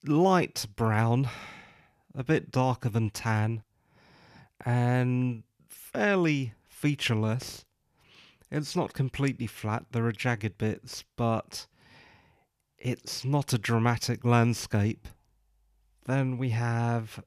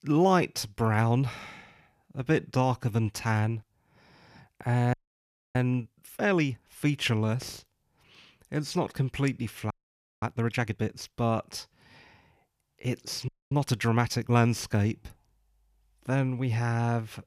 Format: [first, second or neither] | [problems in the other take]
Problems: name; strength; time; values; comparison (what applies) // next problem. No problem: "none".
first | audio freezing; at 5 s for 0.5 s, at 9.5 s for 0.5 s and at 13 s